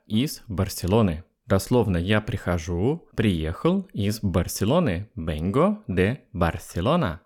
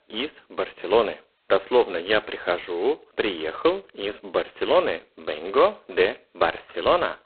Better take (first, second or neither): first